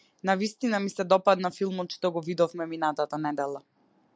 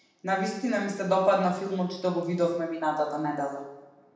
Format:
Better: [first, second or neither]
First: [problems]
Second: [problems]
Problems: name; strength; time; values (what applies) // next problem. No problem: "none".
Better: first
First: none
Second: room echo; dies away in 0.9 s